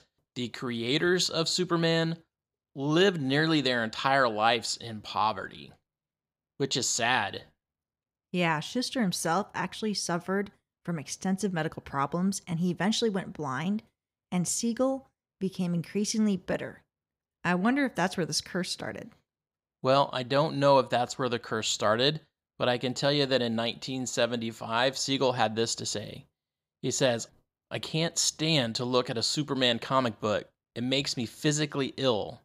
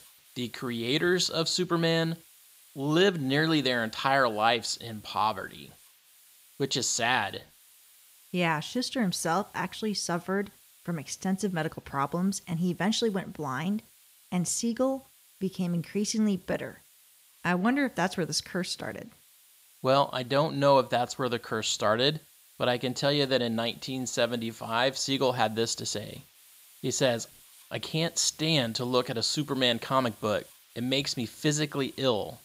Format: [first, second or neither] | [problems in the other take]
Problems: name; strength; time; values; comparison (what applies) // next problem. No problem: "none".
first | hiss; faint; throughout; 25 dB below the speech